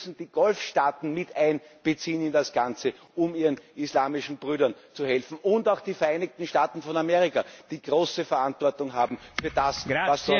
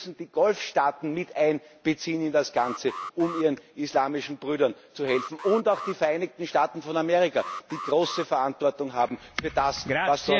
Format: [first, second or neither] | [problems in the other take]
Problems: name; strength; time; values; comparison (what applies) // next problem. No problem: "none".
first | background sound (Alarm); 13 dB below the speech